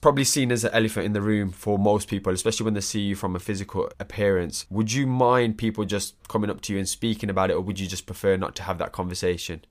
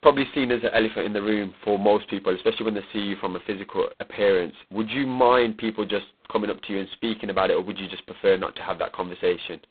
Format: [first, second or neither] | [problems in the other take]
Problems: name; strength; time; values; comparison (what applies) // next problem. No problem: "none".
first | phone-call audio; poor line; nothing above 4 kHz